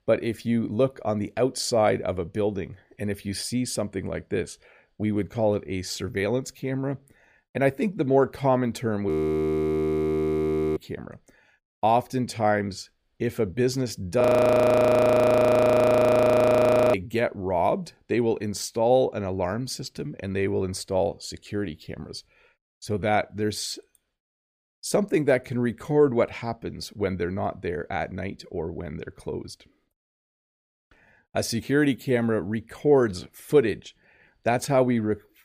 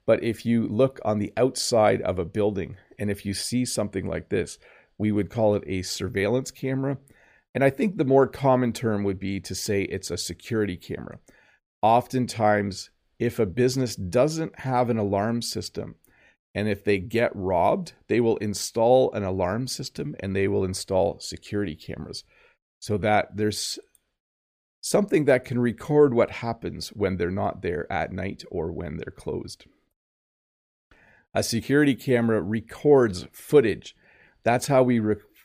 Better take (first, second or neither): second